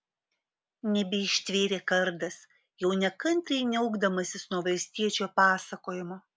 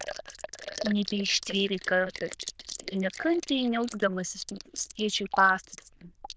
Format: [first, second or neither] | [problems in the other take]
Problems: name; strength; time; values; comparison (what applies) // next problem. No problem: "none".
first | noise reduction (neural diffusion model UNIVERSE++)